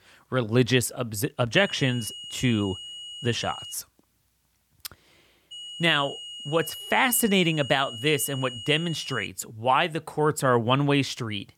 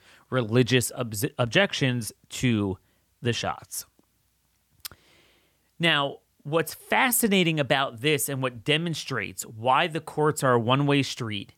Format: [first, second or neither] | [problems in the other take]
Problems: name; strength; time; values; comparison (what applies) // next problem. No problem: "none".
second | high-pitched whine; noticeable; from 1.5 to 3.5 s and from 5.5 to 9.5 s; 3 kHz, 10 dB below the speech